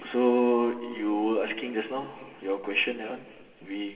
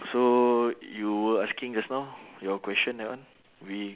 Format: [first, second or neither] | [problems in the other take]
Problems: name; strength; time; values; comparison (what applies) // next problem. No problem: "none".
second | room echo; dies away in 2.3 s